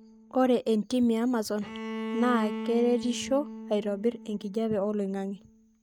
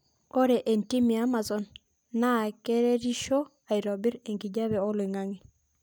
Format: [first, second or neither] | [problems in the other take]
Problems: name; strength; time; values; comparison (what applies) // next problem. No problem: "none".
second | noise reduction (neural mask model RNNoise)